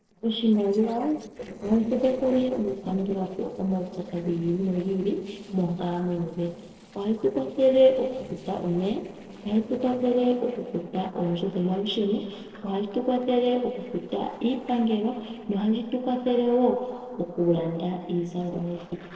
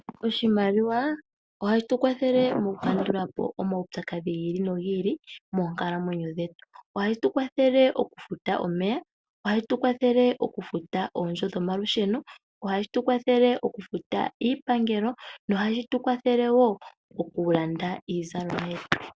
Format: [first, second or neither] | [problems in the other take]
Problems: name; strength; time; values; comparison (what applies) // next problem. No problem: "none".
second | noise reduction (neural separator model SepFormer DNS4)